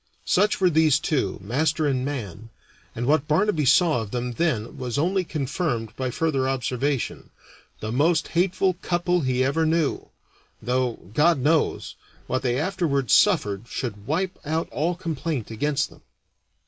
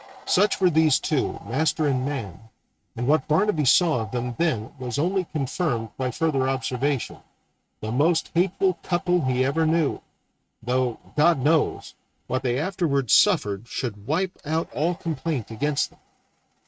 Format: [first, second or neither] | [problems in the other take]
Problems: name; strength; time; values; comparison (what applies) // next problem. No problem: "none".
first | noise reduction (neural mask model RNNoise)